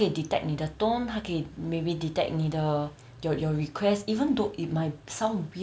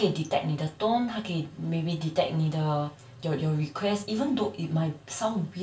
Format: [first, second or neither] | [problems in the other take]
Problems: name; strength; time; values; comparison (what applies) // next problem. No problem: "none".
first | room echo; dies away in 0.2 s